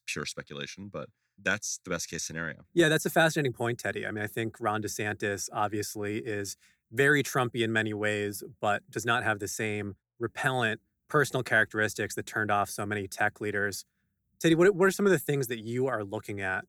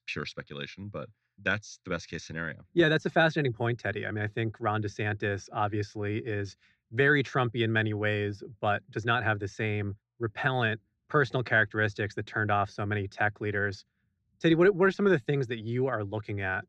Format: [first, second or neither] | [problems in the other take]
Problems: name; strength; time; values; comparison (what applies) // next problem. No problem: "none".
first | muffled; slightly; fading above 4.5 kHz